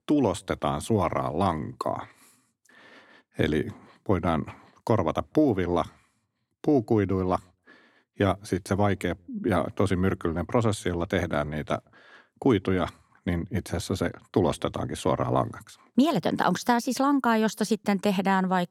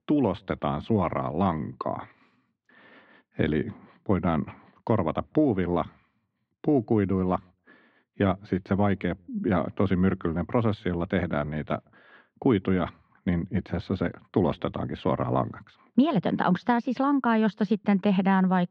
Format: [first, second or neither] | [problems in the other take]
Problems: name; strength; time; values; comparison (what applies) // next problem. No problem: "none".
first | muffled; slightly; fading above 3.5 kHz